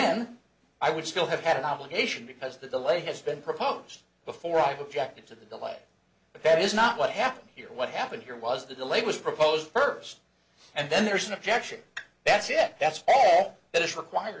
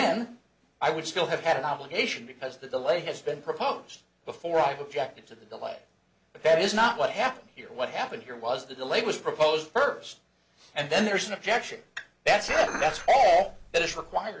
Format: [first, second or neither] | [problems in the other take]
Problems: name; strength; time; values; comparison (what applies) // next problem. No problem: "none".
first | background sound (Dishes, pots, and pans); 8 dB below the speech